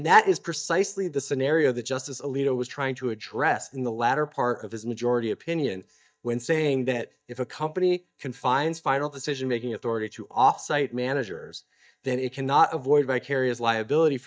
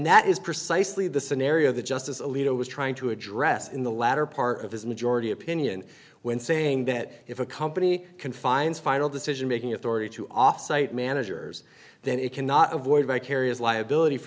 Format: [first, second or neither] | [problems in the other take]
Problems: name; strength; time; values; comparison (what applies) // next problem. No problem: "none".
second | noise reduction (neural mask model DeepFilterNet 3)